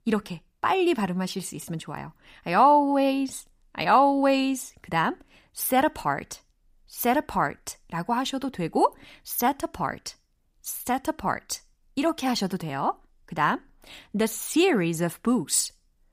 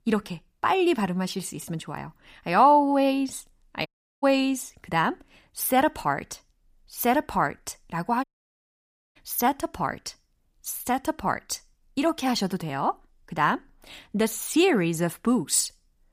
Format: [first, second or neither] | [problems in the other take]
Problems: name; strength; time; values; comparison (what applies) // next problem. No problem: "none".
first | audio cutting out; at 4 s and at 8 s for 1 s